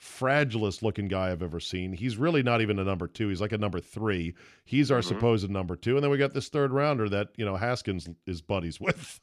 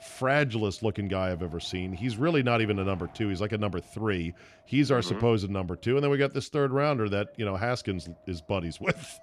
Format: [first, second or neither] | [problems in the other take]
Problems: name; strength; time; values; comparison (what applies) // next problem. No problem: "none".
first | wind noise on the microphone; occasional gusts; 25 dB below the speech